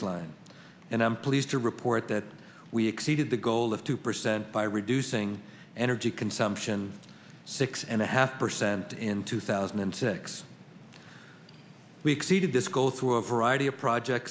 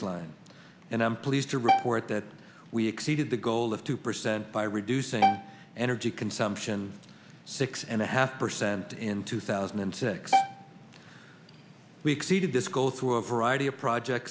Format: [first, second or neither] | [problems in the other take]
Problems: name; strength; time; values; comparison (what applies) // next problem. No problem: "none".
first | background sound (Bowed string instrument); as loud as the speech